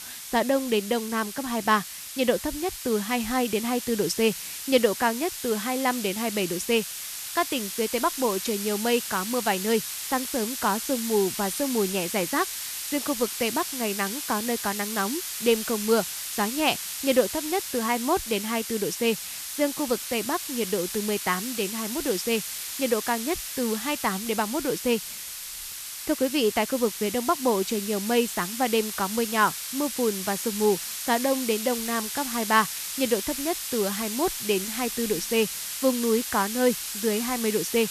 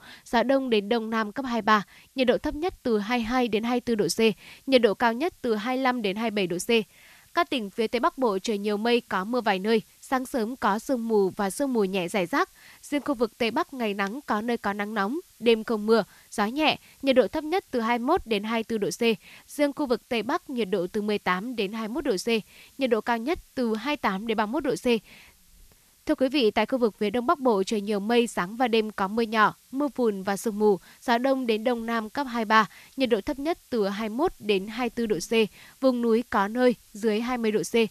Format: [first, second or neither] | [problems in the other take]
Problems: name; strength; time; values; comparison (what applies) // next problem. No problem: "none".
second | hiss; loud; throughout; 5 dB below the speech; faint in the second